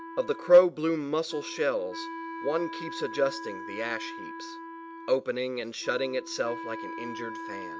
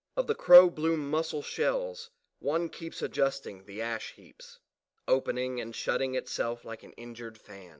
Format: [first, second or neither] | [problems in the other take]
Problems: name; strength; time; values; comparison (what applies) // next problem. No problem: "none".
second | background sound (Wind instrument, woodwind instrument); 11 dB below the speech